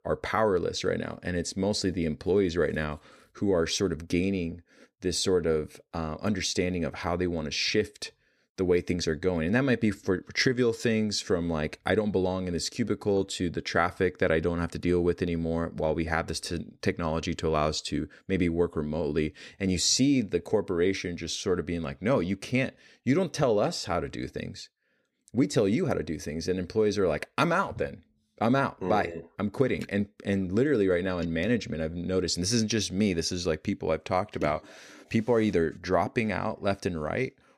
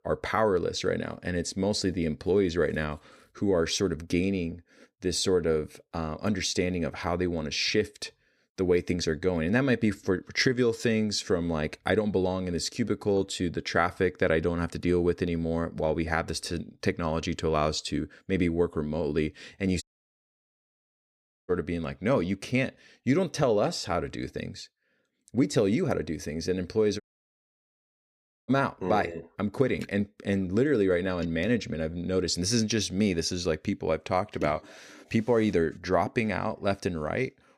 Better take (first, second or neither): first